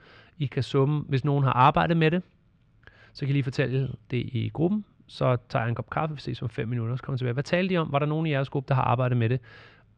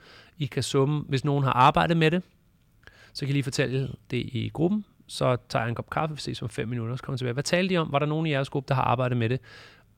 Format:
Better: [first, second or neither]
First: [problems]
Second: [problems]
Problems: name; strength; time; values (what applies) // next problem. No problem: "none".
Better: second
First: muffled; slightly; fading above 3.5 kHz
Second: none